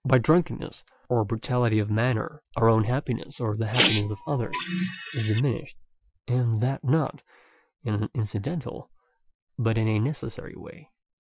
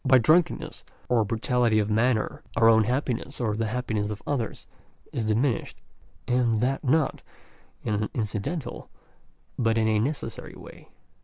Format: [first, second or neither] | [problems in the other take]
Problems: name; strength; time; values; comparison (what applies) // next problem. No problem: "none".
second | noise reduction (classical method Wiener filter)